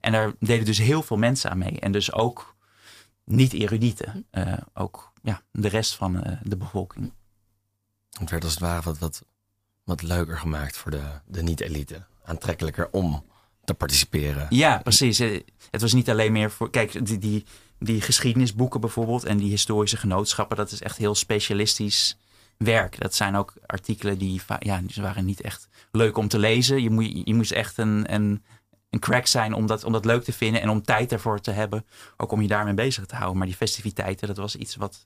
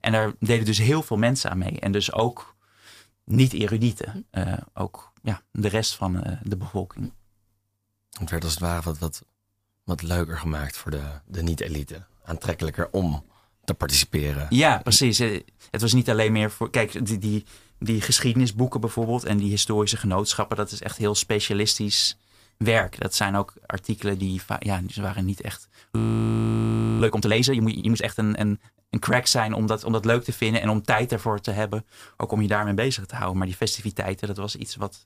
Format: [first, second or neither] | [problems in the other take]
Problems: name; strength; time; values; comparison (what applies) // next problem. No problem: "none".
first | audio freezing; at 26 s for 1 s